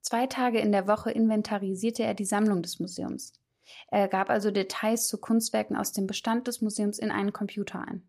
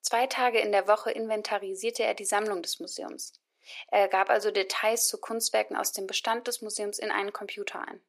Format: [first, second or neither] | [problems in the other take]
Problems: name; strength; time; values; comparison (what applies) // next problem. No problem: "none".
first | thin; very; fading below 400 Hz